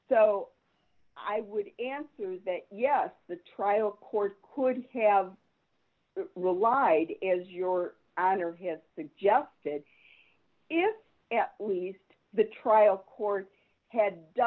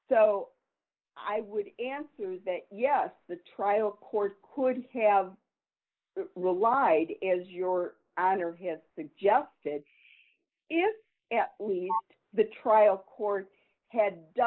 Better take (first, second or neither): first